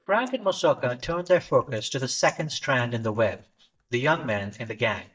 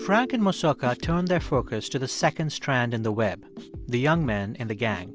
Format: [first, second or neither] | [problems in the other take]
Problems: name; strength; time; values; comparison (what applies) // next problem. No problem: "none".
second | noise reduction (neural mask model DeepFilterNet 3)